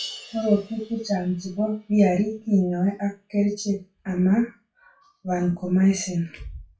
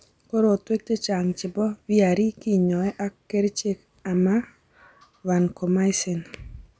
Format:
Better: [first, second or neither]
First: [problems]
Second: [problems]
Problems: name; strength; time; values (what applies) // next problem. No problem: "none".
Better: second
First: noise reduction (classical method WPE with log-MMSE)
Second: none